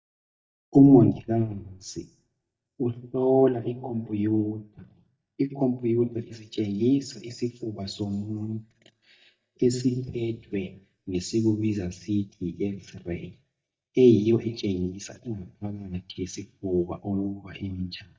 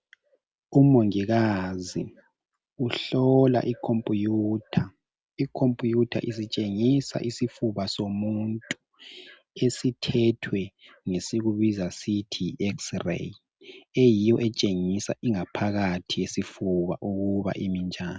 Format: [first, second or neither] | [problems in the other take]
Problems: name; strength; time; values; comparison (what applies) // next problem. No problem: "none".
second | noise reduction (neural mask model DeepFilterNet 3)